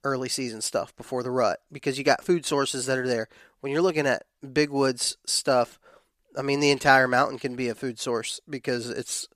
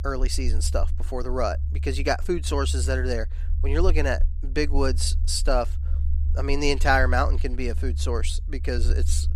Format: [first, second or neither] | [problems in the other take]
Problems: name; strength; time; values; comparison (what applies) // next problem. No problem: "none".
first | low rumble; noticeable; throughout; 20 dB below the speech